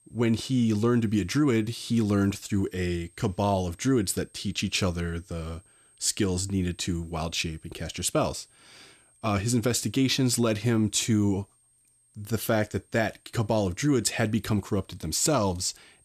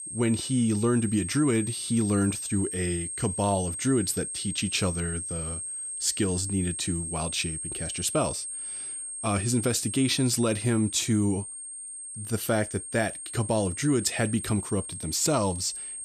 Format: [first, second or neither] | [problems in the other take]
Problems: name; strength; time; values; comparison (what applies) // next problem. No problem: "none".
first | high-pitched whine; loud; throughout; 8.5 kHz, 6 dB below the speech; faint in the first